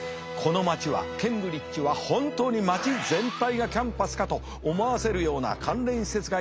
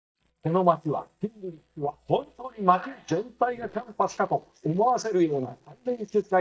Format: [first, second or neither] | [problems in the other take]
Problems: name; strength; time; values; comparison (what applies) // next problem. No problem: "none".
first | noise reduction (neural mask model DeepFilterNet 3)